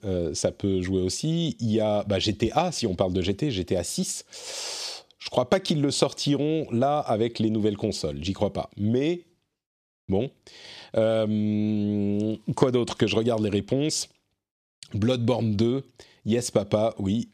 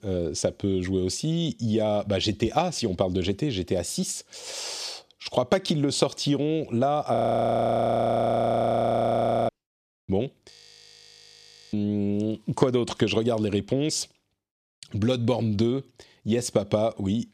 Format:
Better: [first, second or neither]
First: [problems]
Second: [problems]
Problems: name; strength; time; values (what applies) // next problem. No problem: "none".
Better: first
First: none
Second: audio freezing; at 7 s for 2.5 s and at 11 s for 1 s